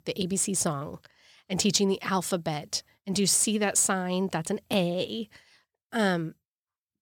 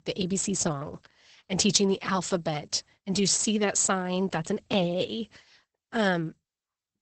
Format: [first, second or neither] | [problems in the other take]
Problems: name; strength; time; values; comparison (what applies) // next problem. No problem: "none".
first | garbled, watery; badly; nothing above 8 kHz